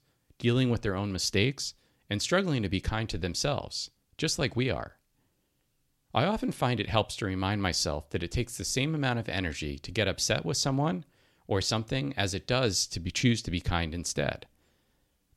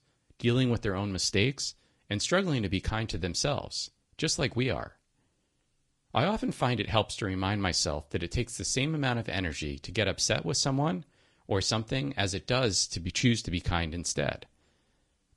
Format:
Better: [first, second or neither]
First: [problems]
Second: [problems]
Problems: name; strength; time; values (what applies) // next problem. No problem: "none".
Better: first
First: none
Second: garbled, watery; slightly; nothing above 10 kHz